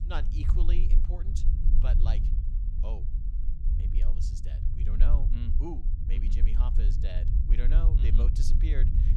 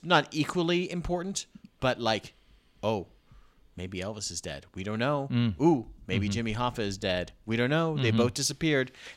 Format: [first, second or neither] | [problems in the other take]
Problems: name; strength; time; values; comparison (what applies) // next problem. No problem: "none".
second | low rumble; loud; throughout; 3 dB below the speech